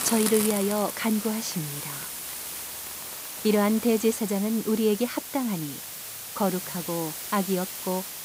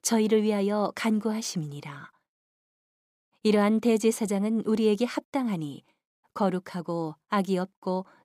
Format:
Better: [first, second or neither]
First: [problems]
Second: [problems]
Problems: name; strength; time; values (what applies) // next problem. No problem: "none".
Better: second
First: hiss; loud; throughout; 6 dB below the speech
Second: none